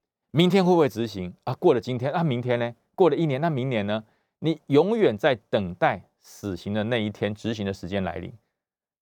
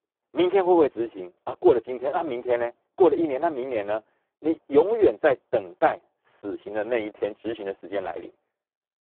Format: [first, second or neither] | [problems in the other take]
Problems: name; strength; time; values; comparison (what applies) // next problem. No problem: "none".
first | phone-call audio; poor line